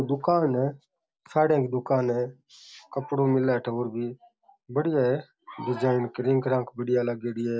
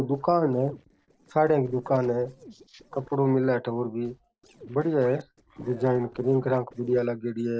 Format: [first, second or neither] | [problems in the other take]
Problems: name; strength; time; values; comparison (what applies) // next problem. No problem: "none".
first | noise reduction (neural separator model SepFormer DNS4)